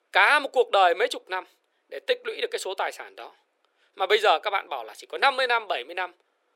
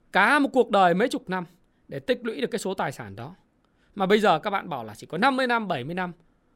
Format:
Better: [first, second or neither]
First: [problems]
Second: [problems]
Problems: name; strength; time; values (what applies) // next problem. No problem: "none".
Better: second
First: thin; very; fading below 400 Hz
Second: none